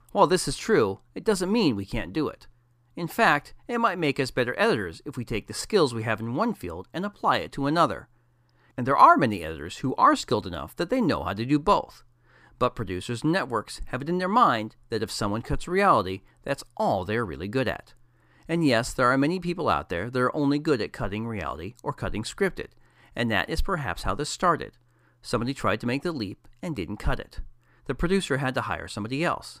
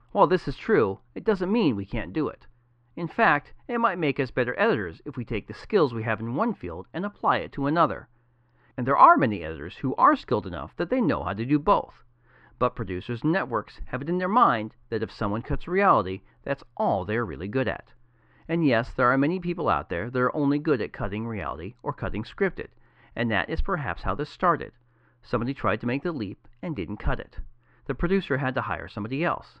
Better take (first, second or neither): first